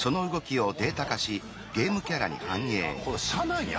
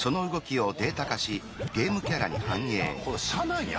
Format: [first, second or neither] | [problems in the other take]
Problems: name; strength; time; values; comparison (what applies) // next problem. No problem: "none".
first | background sound (Scratching (performance technique)); 6 dB below the speech